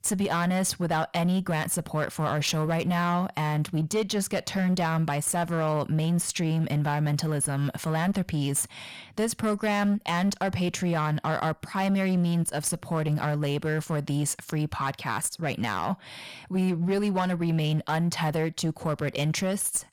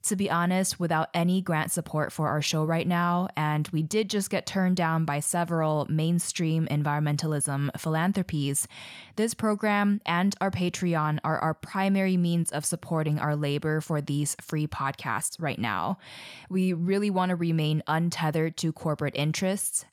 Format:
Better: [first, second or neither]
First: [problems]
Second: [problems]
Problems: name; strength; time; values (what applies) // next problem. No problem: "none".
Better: second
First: distortion; slight; 11% of the sound clipped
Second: none